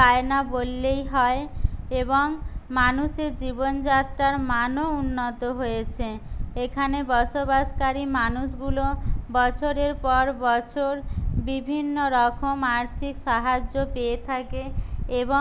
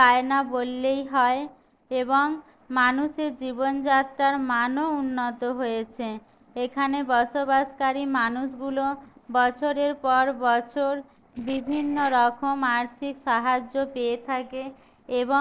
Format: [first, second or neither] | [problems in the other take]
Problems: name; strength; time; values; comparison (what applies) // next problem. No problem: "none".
first | noise reduction (neural separator model SepFormer DNS4)